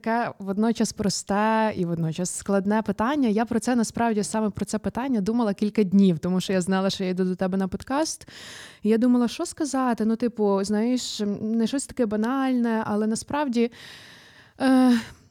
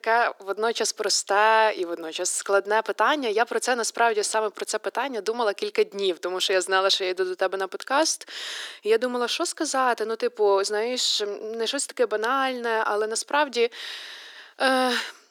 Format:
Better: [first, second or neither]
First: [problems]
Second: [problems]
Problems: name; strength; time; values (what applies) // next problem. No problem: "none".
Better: first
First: none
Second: thin; very; fading below 350 Hz